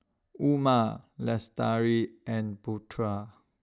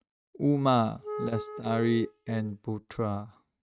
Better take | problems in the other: first | noise reduction (neural mask model RNNoise)

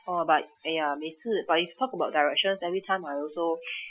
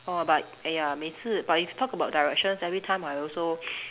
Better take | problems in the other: second | noise reduction (classical method Wiener filter)

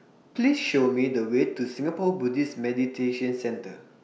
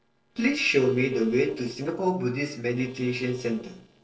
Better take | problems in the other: first | noise reduction (neural separator model SepFormer DNS4)

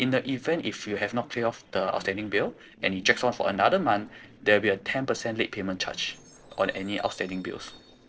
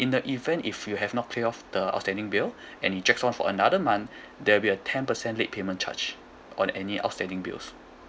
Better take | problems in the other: second | noise reduction (neural separator model SepFormer DNS4)

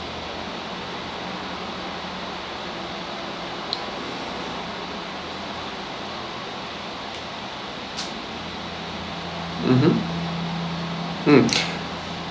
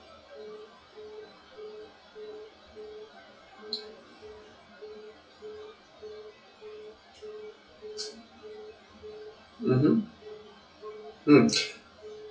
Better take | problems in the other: first | noise reduction (classical method WPE with log-MMSE)

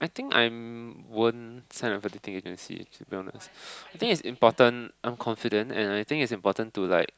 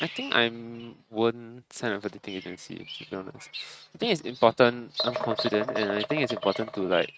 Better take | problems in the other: first | noise reduction (neural mask model RNNoise)

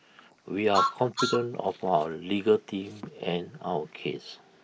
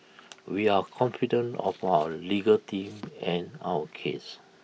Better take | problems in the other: second | noise reduction (neural mask model Resemble Enhance denoiser)

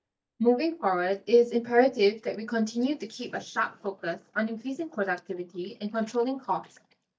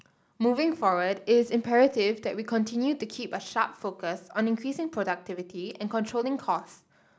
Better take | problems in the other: second | noise reduction (neural mask model DeepFilterNet 3)

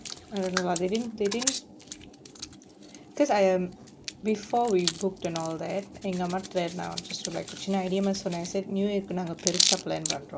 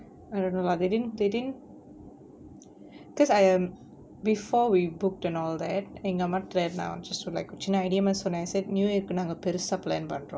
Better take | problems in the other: second | background sound (Hands); 6 dB below the speech

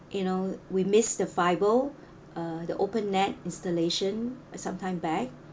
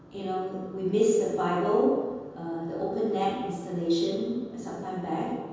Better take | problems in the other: first | room echo; dies away in 1.2 s

